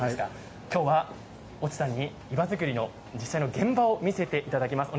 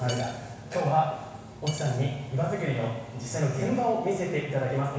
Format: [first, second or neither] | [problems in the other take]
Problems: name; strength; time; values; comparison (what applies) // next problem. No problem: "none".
first | background sound (Cutlery, silverware / Dishes, pots, and pans); 18 dB below the speech // room echo; dies away in 1.1 s